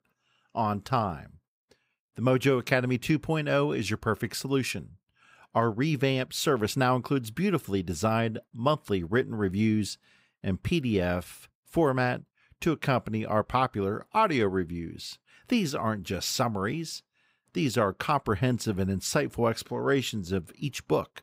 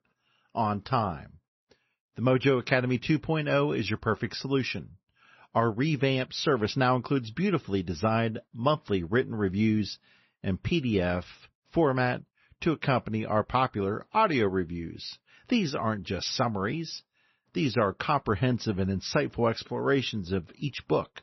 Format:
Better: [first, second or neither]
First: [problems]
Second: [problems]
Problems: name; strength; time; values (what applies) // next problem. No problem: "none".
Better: first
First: none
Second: garbled, watery; slightly; nothing above 6 kHz